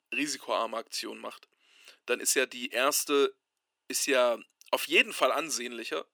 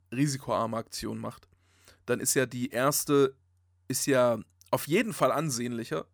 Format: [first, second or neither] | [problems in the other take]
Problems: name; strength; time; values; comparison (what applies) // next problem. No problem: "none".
second | thin; somewhat; fading below 300 Hz